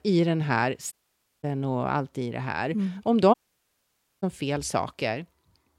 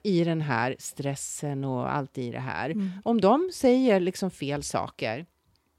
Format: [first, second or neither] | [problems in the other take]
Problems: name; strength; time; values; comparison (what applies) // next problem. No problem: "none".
second | audio cutting out; at 1 s for 0.5 s and at 3.5 s for 1 s